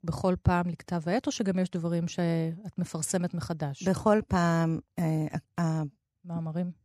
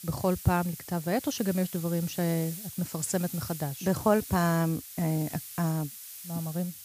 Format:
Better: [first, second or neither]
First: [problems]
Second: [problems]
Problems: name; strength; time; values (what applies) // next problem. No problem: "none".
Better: first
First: none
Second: hiss; noticeable; throughout; 10 dB below the speech